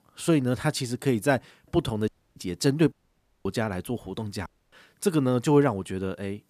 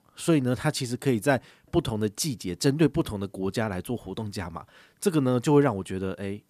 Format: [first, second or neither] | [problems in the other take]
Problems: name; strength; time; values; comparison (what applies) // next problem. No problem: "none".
second | audio cutting out; at 2 s, at 3 s for 0.5 s and at 4.5 s